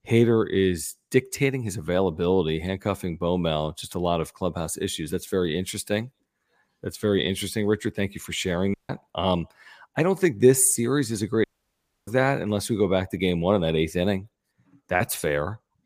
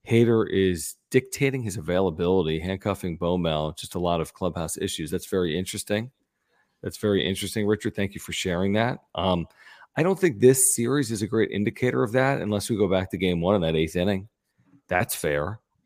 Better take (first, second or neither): second